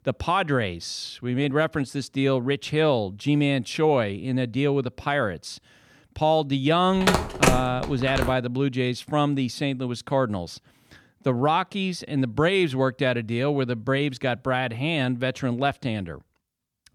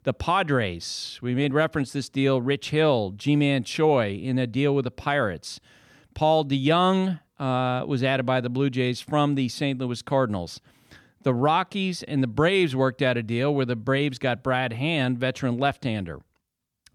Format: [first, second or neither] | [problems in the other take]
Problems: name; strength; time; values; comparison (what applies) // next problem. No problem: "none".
second | phone ringing; loud; from 7 to 8.5 s; peak 3 dB above the speech